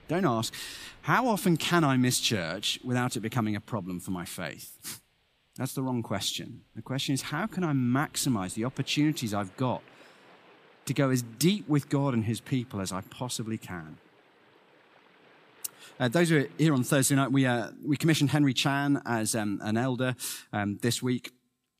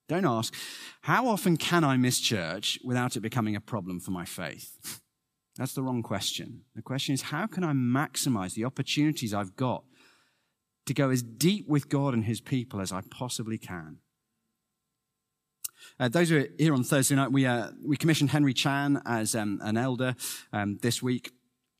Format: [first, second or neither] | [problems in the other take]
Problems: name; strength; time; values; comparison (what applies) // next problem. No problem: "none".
second | rain or running water; faint; until 17 s; 30 dB below the speech